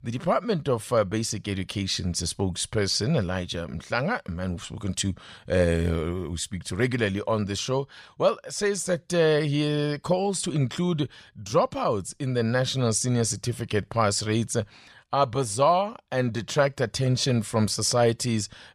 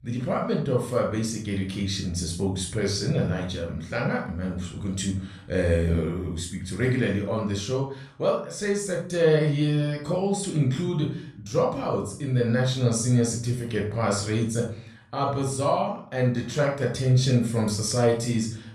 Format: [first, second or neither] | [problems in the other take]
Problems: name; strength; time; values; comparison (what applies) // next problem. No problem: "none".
first | off-mic speech; somewhat distant // room echo; noticeable; dies away in 0.4 s